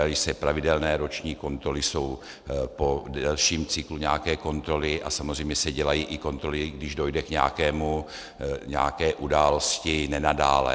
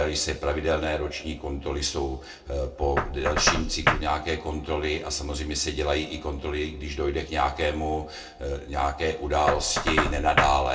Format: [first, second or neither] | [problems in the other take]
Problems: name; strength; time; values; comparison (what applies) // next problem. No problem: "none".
first | background sound (Knock); 6 dB below the speech // room echo; dies away in 0.2 s